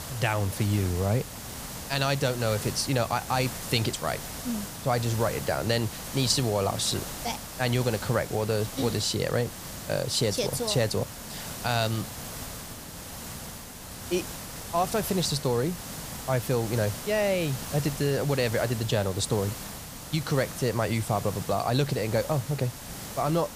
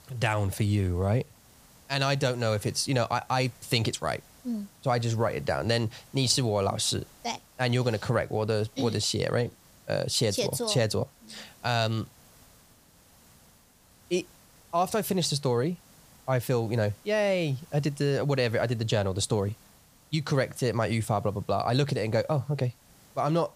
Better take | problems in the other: second | hiss; loud; throughout; 9 dB below the speech; faint in the second

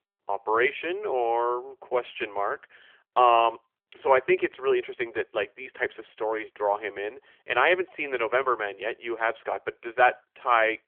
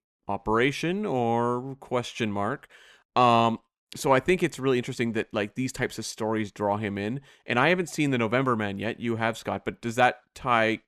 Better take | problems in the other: second | phone-call audio; nothing above 3.5 kHz

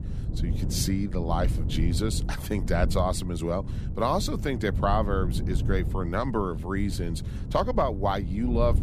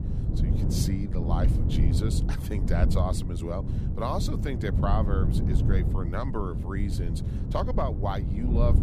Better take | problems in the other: first | wind noise on the microphone; heavy; 5 dB below the speech; occasional gusts in the first

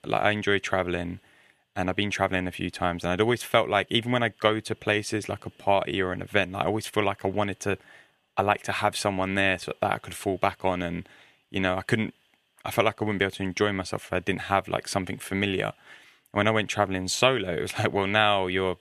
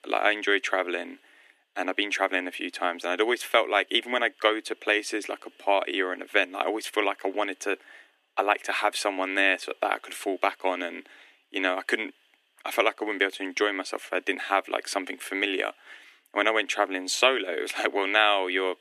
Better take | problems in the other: first | thin; somewhat; fading below 300 Hz

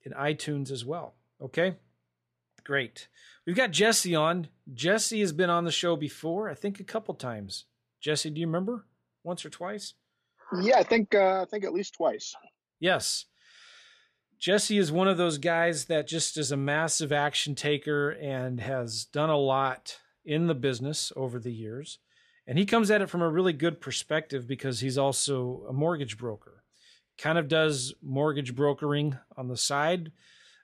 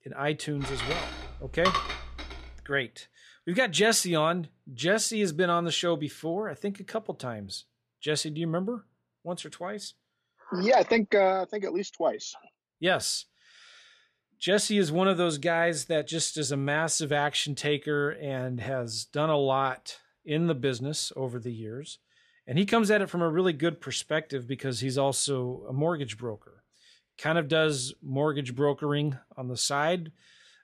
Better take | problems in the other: first | clattering dishes; loud; from 0.5 to 2.5 s; peak level with the speech

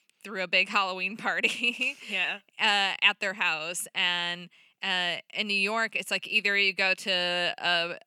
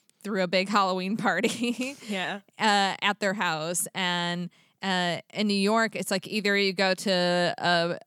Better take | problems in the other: second | thin; very slightly; fading below 350 Hz

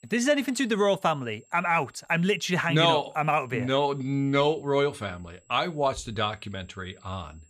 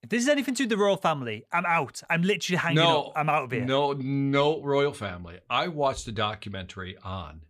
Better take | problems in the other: second | high-pitched whine; faint; throughout; 7.5 kHz, 35 dB below the speech

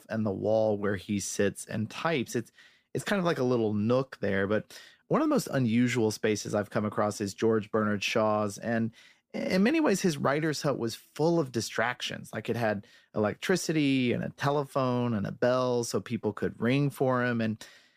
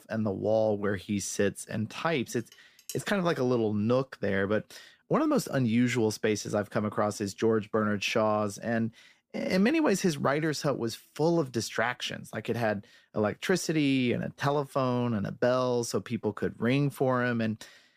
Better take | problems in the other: first | clattering dishes; faint; at 2.5 s; peak 15 dB below the speech

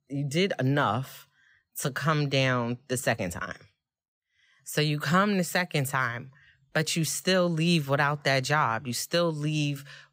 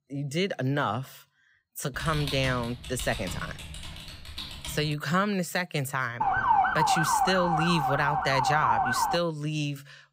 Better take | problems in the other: first | keyboard typing; noticeable; from 2 to 5 s; peak 5 dB below the speech // siren; loud; from 6 to 9 s; peak 6 dB above the speech

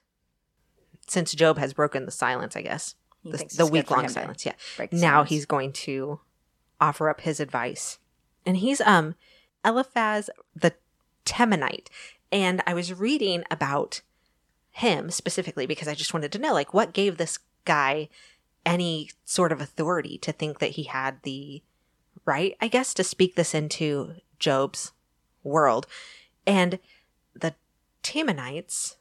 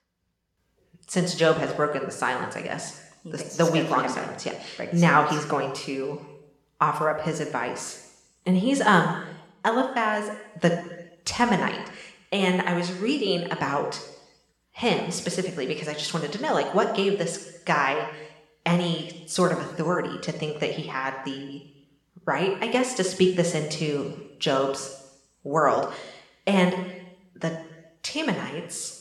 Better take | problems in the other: first | room echo; slight; dies away in 0.9 s

